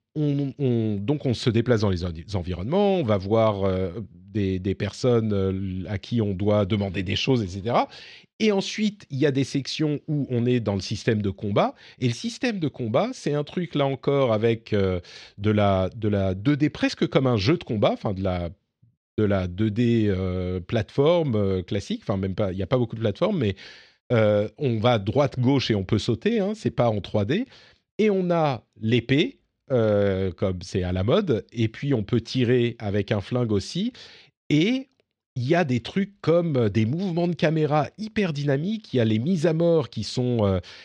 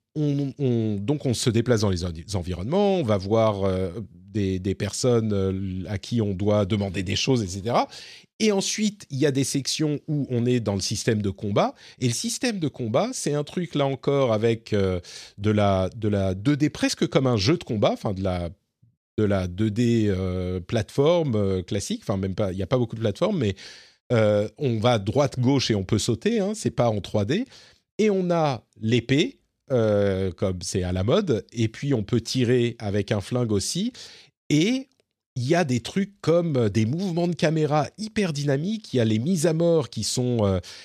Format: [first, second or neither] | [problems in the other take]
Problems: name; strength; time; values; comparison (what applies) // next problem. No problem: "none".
second | muffled; very slightly; fading above 3.5 kHz